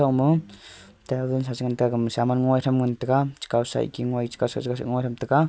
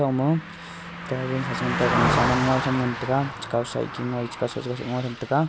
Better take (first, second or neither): first